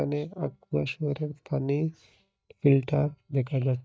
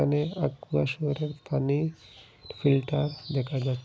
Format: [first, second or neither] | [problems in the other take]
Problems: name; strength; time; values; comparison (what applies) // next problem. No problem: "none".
second | noise reduction (neural mask model DeepFilterNet 3)